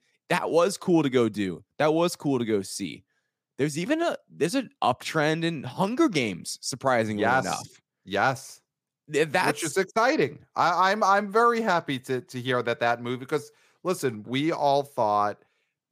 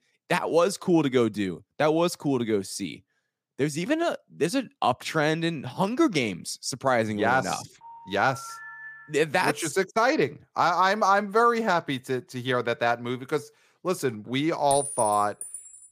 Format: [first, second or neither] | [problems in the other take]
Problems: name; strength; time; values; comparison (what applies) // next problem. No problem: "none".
first | phone ringing; faint; from 8 to 9 s; peak 15 dB below the speech // clattering dishes; noticeable; from 15 s on; peak 4 dB below the speech